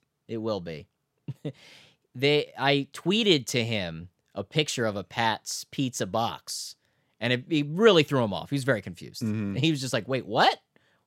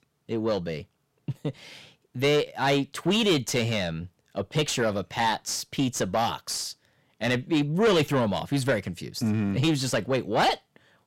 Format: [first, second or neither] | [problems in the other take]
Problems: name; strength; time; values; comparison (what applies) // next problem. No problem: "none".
first | distortion; heavy; 6 dB below the speech